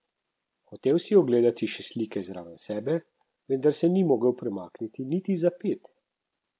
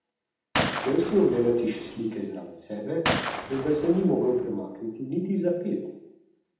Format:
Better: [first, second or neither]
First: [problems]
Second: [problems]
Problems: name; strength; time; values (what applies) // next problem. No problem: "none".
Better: first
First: none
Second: background sound (Gunshot, gunfire); 6 dB below the speech // room echo; dies away in 0.8 s